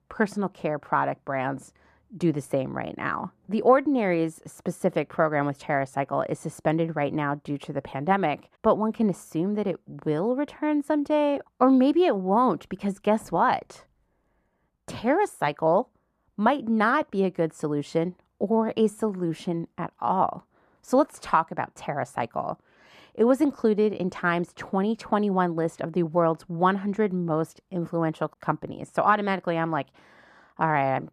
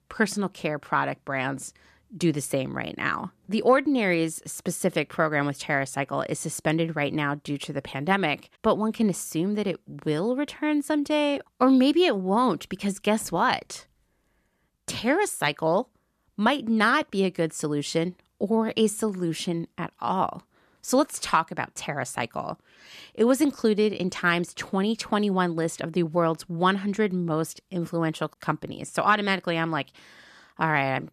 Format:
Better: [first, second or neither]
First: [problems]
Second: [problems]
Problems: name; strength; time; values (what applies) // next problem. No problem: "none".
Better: second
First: muffled; slightly; fading above 2 kHz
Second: none